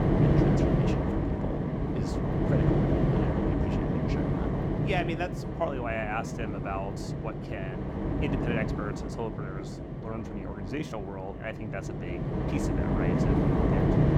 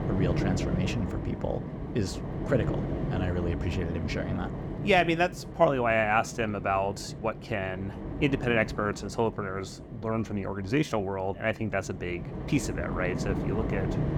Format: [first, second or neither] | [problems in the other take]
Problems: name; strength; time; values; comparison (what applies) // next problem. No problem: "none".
second | wind noise on the microphone; heavy; 4 dB above the speech; occasional gusts in the second